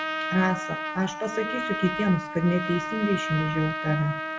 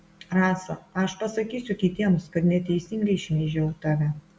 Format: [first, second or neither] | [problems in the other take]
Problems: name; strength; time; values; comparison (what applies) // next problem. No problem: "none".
second | background sound (Trumpet); 4 dB below the speech